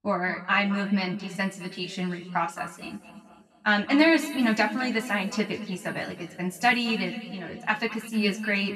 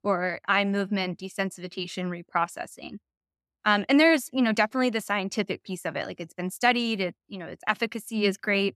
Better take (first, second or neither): second